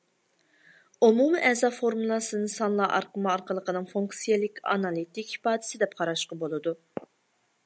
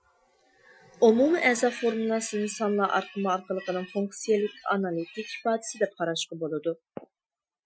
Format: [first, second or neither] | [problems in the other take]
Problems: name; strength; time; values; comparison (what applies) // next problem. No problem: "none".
first | noise reduction (classical method Wiener filter)